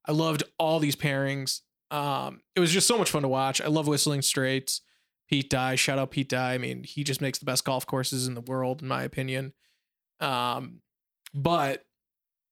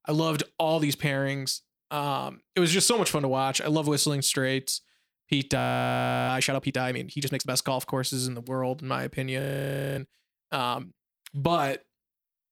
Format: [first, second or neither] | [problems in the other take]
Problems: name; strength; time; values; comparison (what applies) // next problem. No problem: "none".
first | audio freezing; at 5.5 s for 0.5 s and at 9.5 s for 0.5 s